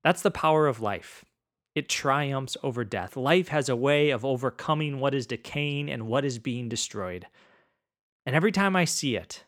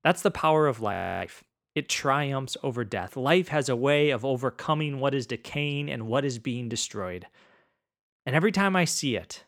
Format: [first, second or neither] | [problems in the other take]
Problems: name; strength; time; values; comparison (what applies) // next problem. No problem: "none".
first | audio freezing; at 1 s